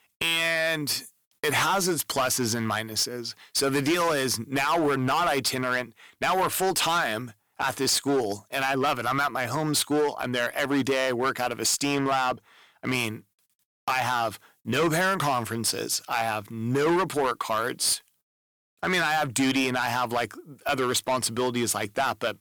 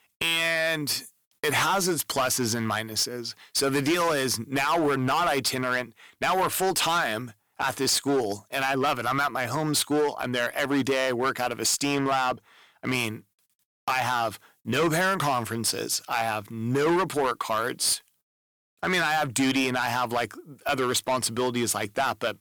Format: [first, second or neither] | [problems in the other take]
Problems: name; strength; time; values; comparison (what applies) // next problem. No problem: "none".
neither | distortion; heavy; 9% of the sound clipped; the same in both